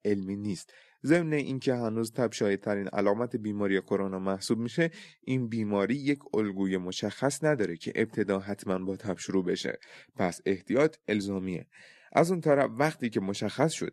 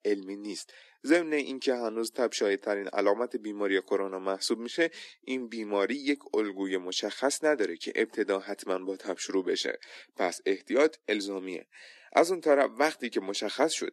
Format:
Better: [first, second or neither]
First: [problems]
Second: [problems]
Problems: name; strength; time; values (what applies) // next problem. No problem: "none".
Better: first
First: none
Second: thin; very slightly; fading below 300 Hz